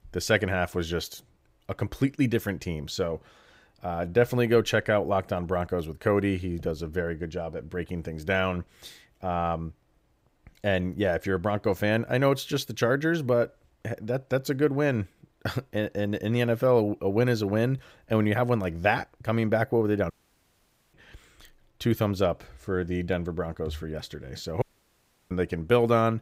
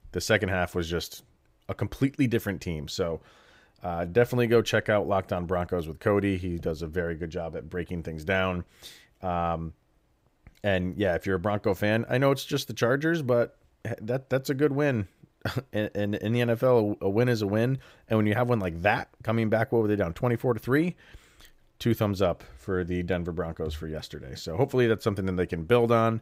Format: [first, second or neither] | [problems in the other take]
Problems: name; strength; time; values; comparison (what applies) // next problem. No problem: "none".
second | audio cutting out; at 20 s for 1 s and at 25 s for 0.5 s